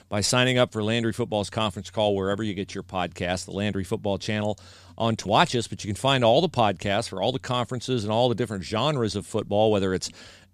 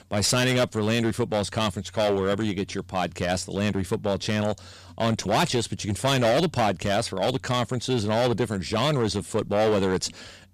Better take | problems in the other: first | distortion; heavy; 9% of the sound clipped

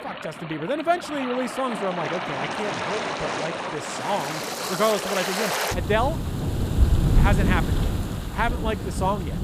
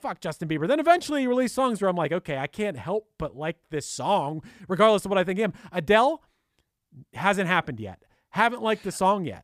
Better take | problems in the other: second | rain or running water; very loud; throughout; 1 dB above the speech

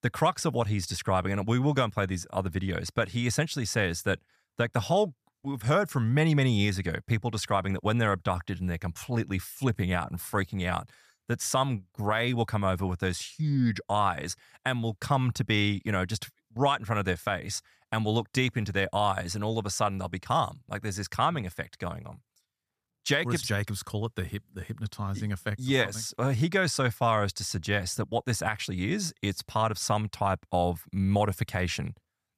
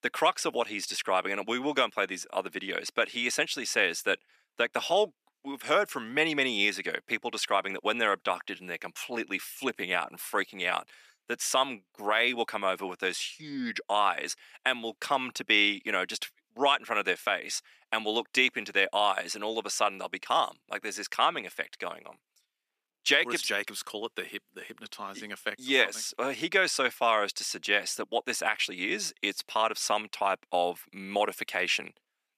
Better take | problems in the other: first | thin; somewhat; fading below 300 Hz

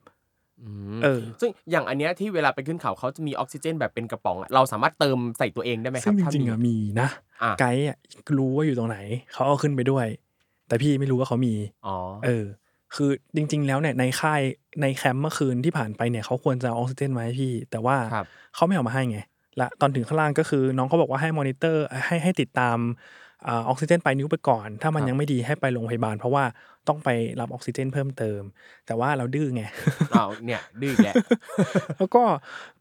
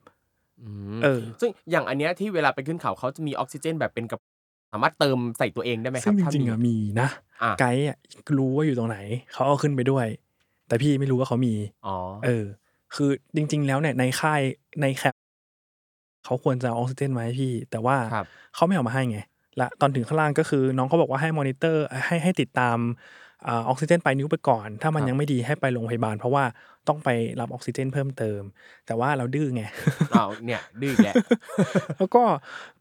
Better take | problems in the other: first | audio cutting out; at 4 s for 0.5 s and at 15 s for 1 s

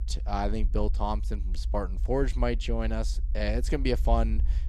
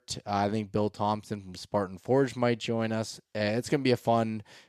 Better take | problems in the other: second | low rumble; faint; throughout; 20 dB below the speech

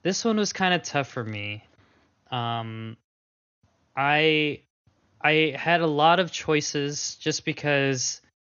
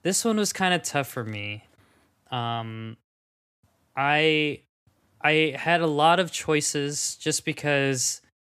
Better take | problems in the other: second | garbled, watery; slightly; nothing above 6.5 kHz

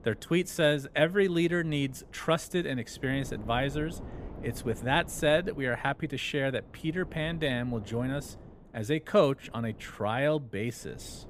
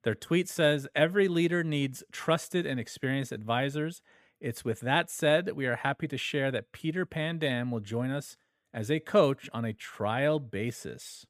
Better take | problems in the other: second | wind noise on the microphone; occasional gusts; 25 dB below the speech

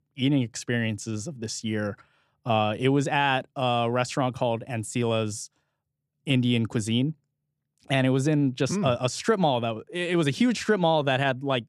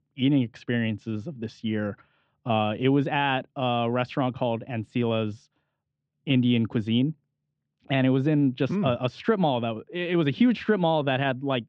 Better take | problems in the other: first | muffled; very; fading above 3.5 kHz

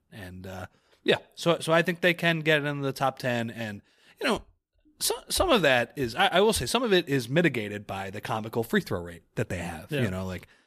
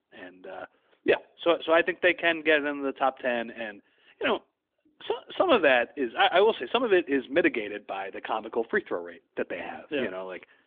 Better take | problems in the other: first | phone-call audio; nothing above 3.5 kHz

